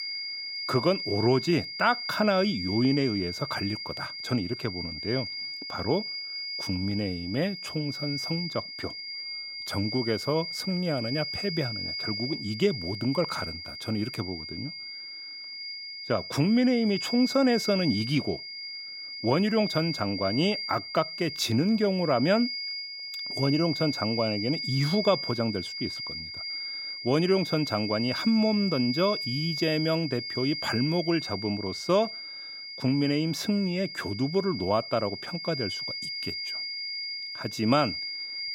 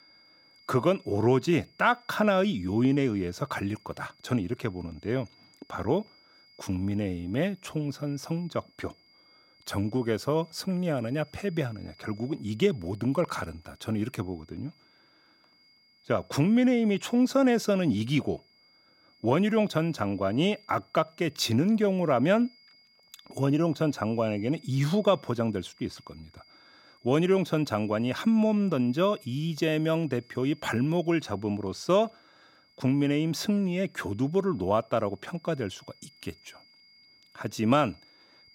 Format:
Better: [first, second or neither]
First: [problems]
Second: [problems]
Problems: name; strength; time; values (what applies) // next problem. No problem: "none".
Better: second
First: high-pitched whine; loud; throughout; 5 kHz, 5 dB below the speech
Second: high-pitched whine; faint; throughout; 5 kHz, 30 dB below the speech